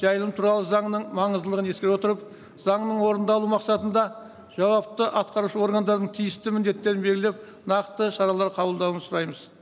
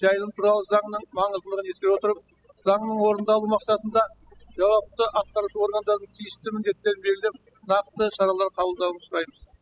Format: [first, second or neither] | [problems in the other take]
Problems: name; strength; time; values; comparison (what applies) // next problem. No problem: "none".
first | noise reduction (classical method spectral subtraction)